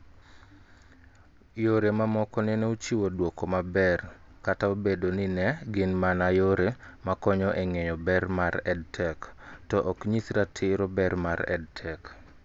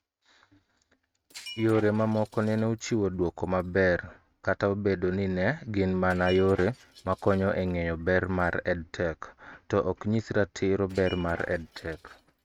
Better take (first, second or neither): first